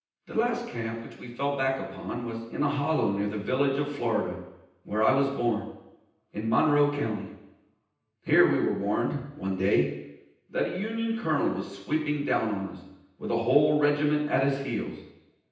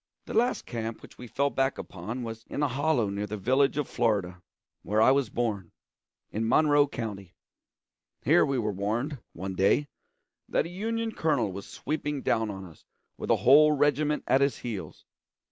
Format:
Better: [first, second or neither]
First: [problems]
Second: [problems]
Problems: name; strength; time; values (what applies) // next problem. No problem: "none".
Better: second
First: room echo; dies away in 0.9 s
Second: none